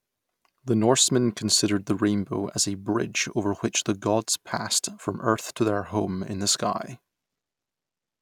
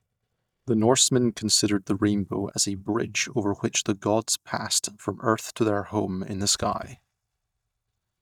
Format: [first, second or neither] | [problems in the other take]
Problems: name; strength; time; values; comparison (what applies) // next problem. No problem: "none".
first | noise reduction (neural mask model DeepFilterNet 3)